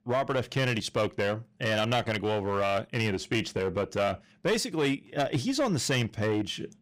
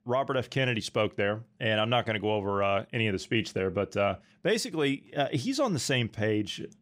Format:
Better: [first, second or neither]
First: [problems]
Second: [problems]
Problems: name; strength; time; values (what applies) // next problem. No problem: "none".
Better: second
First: distortion; slight; 8% of the sound clipped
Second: none